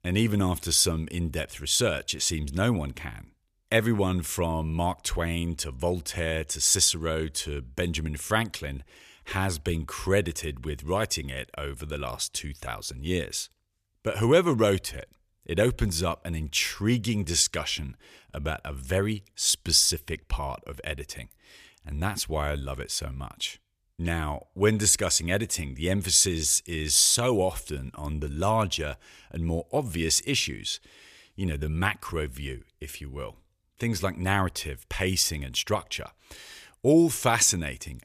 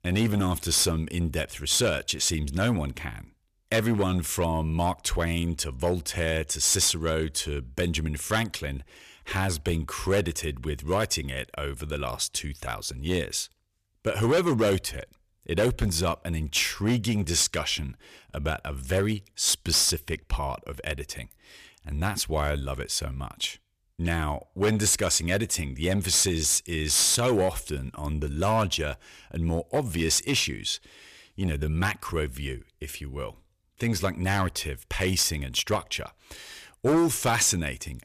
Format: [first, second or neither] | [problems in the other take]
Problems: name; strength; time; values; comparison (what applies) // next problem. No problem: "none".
first | distortion; slight; 5% of the sound clipped